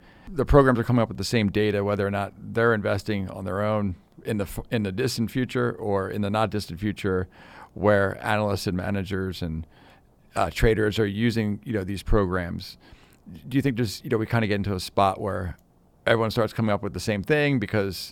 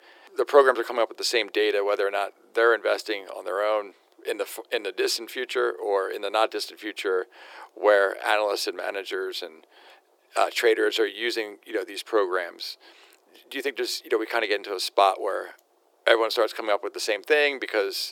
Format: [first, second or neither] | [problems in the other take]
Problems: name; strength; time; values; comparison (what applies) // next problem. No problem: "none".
first | thin; very; fading below 350 Hz